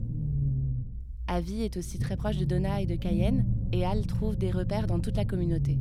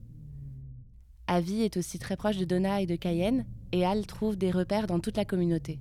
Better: second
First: low rumble; loud; throughout; 6 dB below the speech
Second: low rumble; faint; throughout; 25 dB below the speech

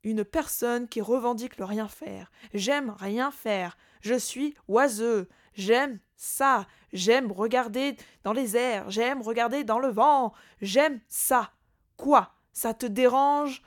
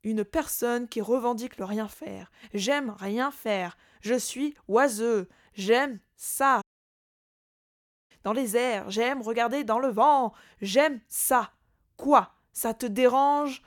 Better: first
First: none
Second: audio cutting out; at 6.5 s for 1.5 s

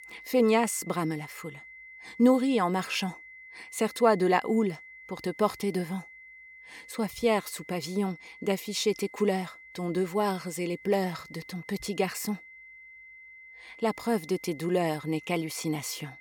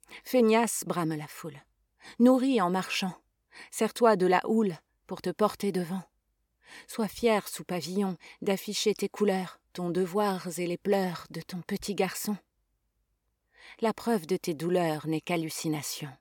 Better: second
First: high-pitched whine; noticeable; throughout; 2 kHz, 20 dB below the speech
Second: none

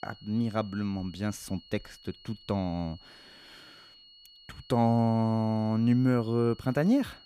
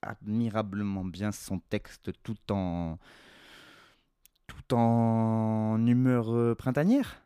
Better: second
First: high-pitched whine; faint; throughout; 4.5 kHz, 25 dB below the speech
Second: none

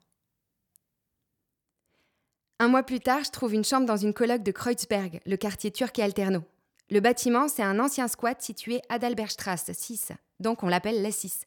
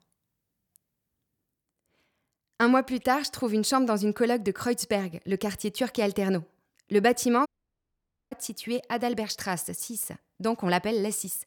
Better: first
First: none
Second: audio cutting out; at 7.5 s for 1 s

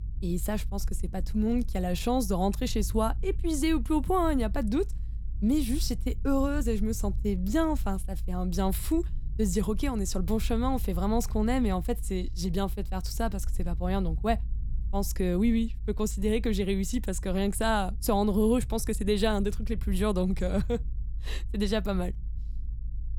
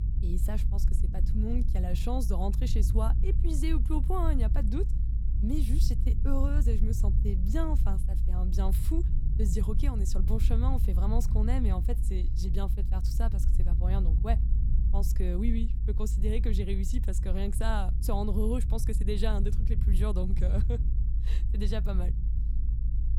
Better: first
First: low rumble; faint; throughout; 25 dB below the speech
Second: low rumble; loud; throughout; 9 dB below the speech

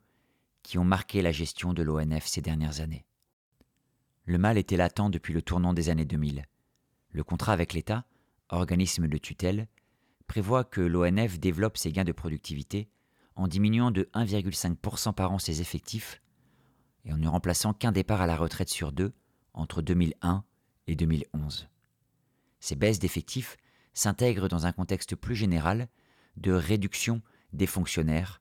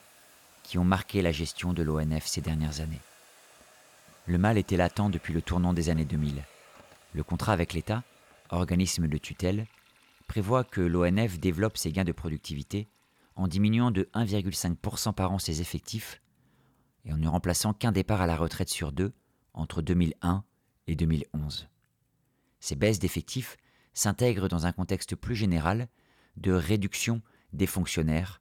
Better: first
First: none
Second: household noises; faint; throughout; 25 dB below the speech

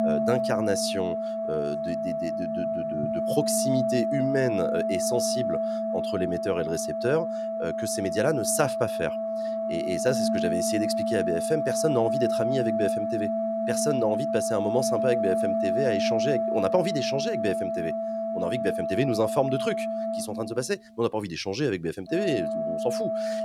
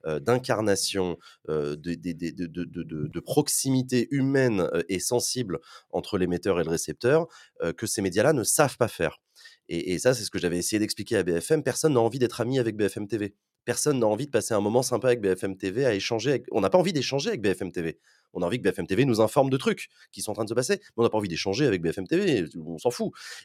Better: second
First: background music; very loud; throughout; 1 dB above the speech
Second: none

